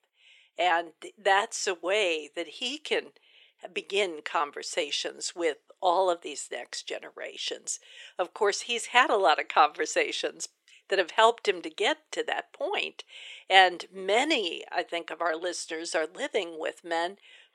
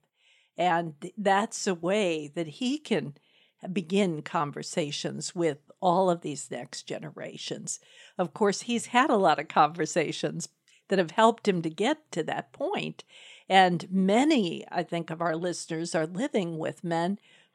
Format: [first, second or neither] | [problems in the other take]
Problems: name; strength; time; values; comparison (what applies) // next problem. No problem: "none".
second | thin; very; fading below 400 Hz